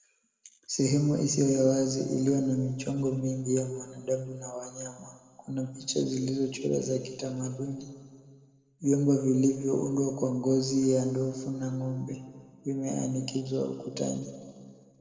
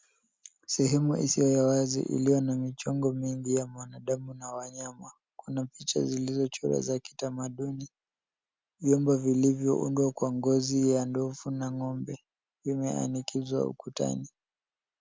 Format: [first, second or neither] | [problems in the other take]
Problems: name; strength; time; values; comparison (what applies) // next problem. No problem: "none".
second | room echo; dies away in 1.8 s